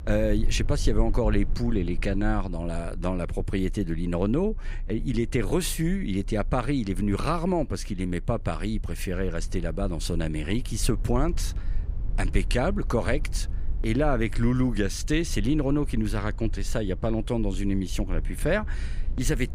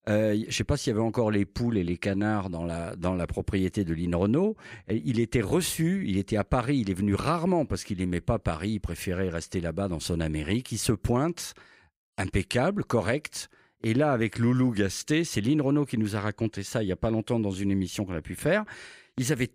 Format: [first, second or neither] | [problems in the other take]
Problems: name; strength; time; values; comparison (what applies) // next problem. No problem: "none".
second | low rumble; faint; throughout; 25 dB below the speech